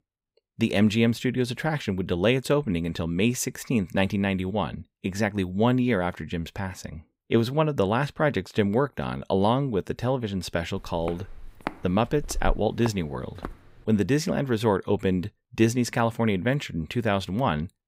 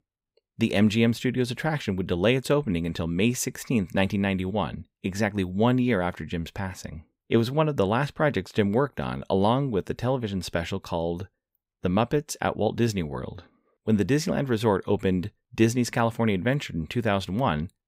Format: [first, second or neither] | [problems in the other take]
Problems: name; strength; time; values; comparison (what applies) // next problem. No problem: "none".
second | footsteps; noticeable; from 11 to 13 s; peak 9 dB below the speech